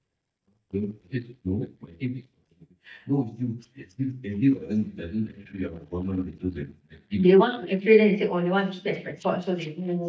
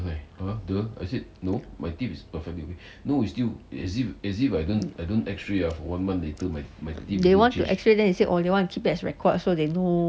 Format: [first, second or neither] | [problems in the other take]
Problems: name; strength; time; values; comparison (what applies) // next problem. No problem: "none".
second | noise reduction (neural mask model DeepFilterNet 3)